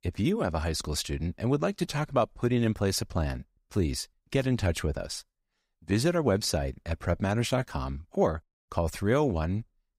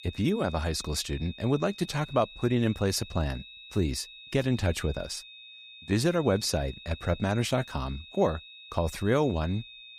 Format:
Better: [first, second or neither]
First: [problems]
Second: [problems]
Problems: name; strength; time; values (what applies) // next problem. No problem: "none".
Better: first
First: none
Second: high-pitched whine; noticeable; throughout; 3.5 kHz, 15 dB below the speech